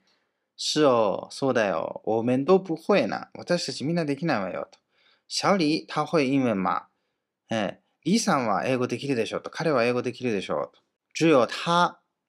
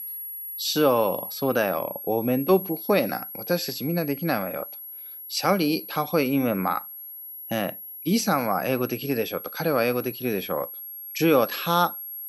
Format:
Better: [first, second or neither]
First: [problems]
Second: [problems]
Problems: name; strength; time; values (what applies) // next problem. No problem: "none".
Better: first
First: none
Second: high-pitched whine; loud; throughout; 11.5 kHz, 10 dB below the speech